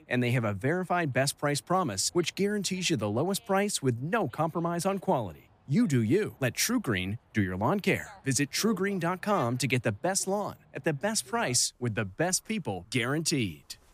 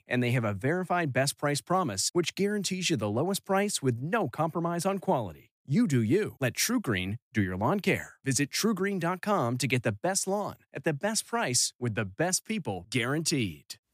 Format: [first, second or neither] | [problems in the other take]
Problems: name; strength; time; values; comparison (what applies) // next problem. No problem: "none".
second | animal sounds; faint; throughout; 25 dB below the speech